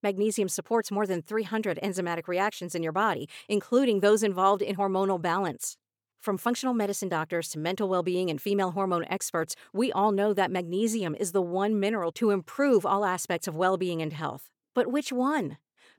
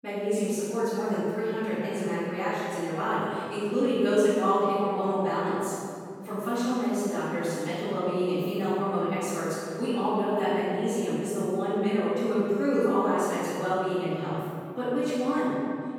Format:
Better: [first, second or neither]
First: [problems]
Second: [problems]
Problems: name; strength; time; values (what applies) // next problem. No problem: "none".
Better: first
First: none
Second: off-mic speech; far // room echo; strong; dies away in 2.3 s